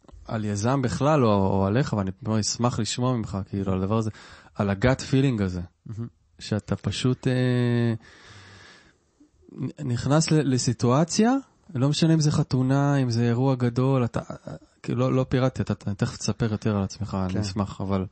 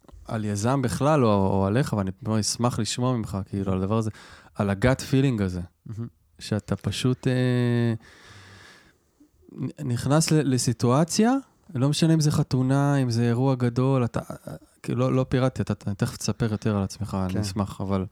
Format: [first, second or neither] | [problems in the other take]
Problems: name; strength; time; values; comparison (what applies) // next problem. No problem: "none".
second | garbled, watery; slightly; nothing above 8 kHz